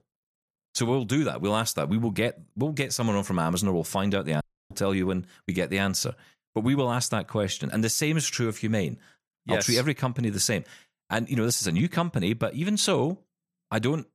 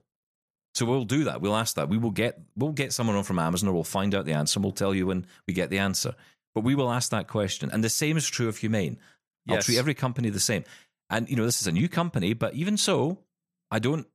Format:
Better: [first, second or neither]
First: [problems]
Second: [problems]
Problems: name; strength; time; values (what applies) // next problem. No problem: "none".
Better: second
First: audio cutting out; at 4.5 s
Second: none